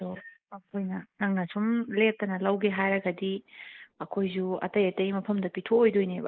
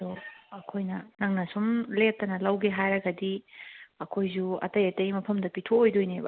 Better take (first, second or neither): second